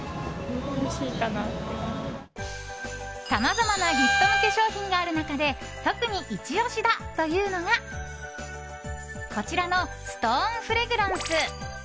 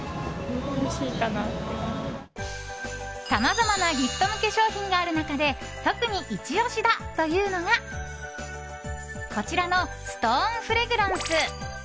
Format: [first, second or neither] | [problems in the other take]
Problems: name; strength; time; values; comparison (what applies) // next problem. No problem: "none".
second | background sound (Wind instrument, woodwind instrument); 2 dB above the speech